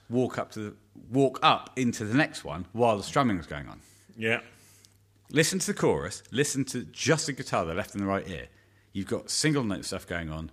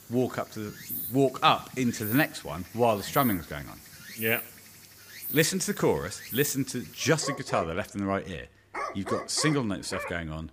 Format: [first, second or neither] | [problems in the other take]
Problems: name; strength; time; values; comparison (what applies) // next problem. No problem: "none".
first | animal sounds; loud; throughout; 9 dB below the speech